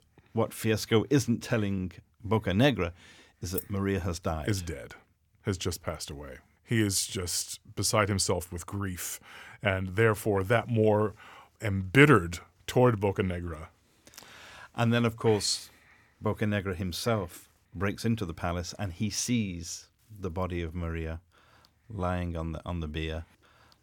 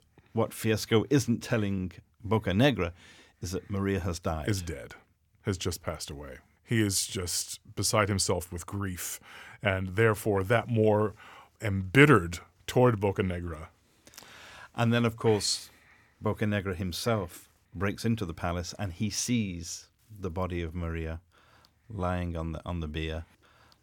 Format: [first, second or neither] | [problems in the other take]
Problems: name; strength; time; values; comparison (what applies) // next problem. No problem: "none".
second | jangling keys; noticeable; at 3.5 s; peak 9 dB below the speech